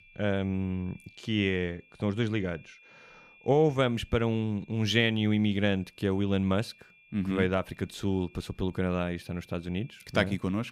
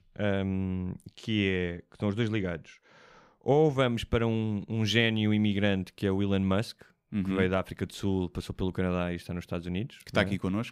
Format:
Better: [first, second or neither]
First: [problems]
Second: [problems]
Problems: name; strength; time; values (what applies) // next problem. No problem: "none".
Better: second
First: high-pitched whine; faint; throughout; 2.5 kHz, 25 dB below the speech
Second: none